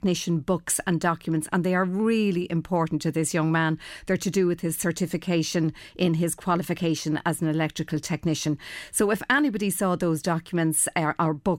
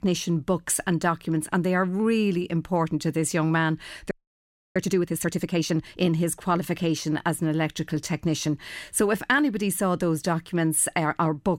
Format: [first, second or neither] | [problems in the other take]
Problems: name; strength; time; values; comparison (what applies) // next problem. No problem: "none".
first | audio freezing; at 4 s for 0.5 s